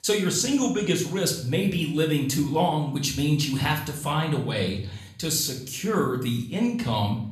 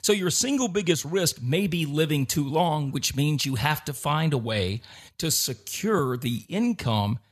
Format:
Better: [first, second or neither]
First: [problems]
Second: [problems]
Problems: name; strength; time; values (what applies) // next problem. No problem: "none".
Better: second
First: room echo; slight; dies away in 0.5 s // off-mic speech; somewhat distant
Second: none